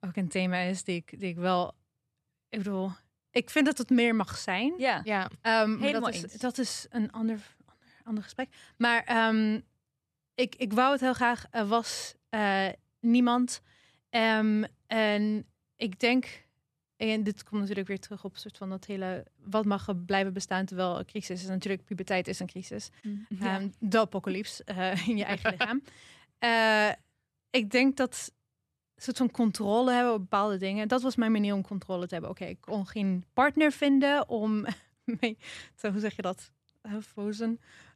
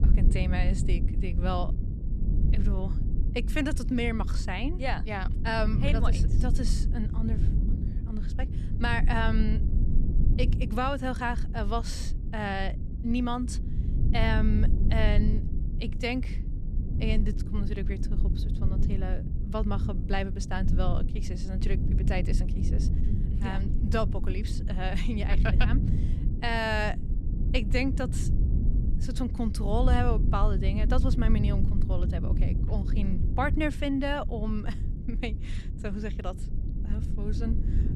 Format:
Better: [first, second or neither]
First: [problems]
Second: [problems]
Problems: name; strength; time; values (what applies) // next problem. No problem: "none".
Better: first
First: none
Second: low rumble; loud; throughout; 10 dB below the speech